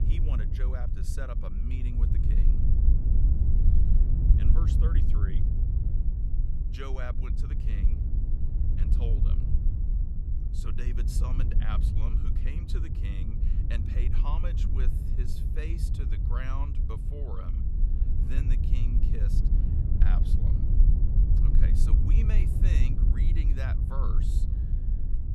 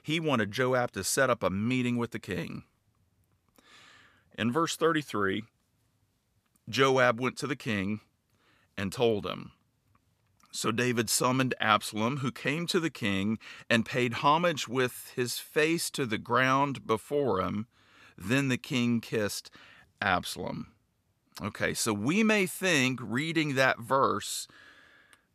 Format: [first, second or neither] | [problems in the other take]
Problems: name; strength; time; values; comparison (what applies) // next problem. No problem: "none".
second | wind noise on the microphone; heavy; 1 dB below the speech